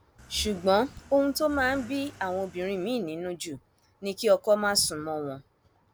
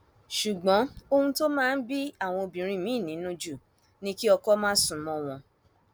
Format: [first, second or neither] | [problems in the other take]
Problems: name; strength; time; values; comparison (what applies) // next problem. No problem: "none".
second | background sound (Accelerating, revving, vroom / Car); 18 dB below the speech